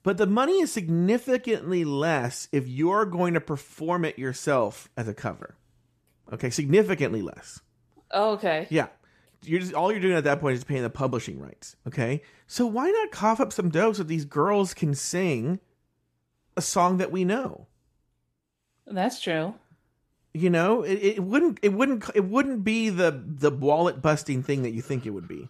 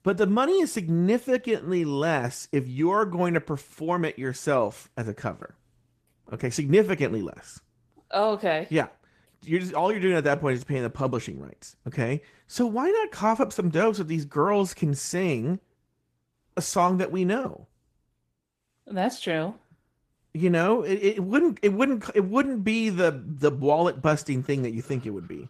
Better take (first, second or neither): first